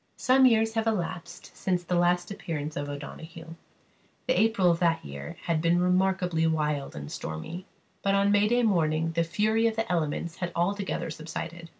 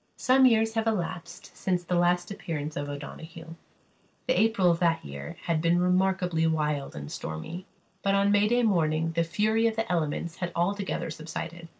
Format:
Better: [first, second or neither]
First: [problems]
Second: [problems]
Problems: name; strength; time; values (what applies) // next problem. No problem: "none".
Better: first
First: none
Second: noise reduction (neural mask model Resemble Enhance denoiser)